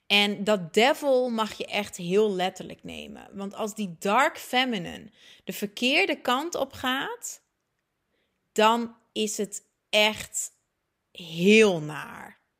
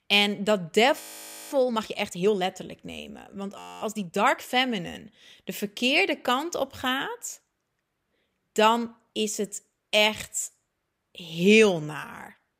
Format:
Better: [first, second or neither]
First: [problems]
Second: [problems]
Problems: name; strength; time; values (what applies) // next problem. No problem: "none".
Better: first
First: none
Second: audio freezing; at 1 s for 0.5 s and at 3.5 s